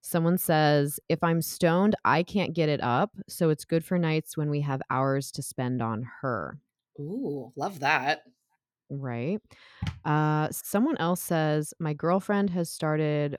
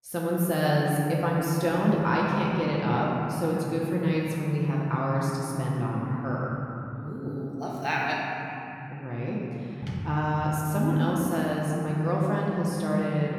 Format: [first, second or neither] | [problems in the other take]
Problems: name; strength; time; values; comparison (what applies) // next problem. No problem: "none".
first | room echo; strong; dies away in 3 s // off-mic speech; far